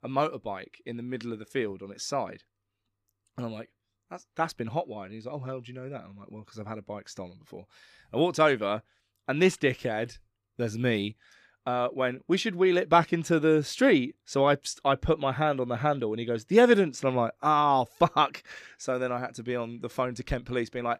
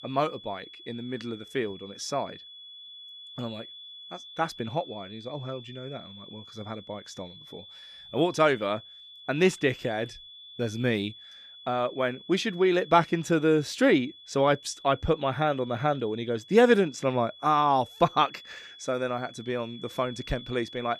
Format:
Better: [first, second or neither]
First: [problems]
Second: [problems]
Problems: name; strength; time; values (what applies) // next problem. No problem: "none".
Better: first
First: none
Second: high-pitched whine; noticeable; throughout; 3.5 kHz, 20 dB below the speech